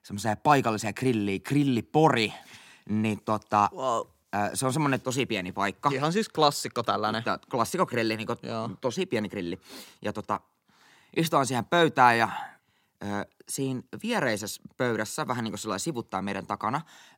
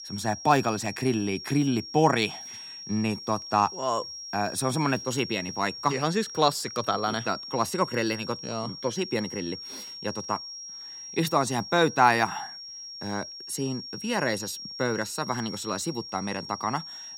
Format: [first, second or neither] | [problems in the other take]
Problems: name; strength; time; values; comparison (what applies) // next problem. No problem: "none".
first | high-pitched whine; loud; throughout; 5.5 kHz, 10 dB below the speech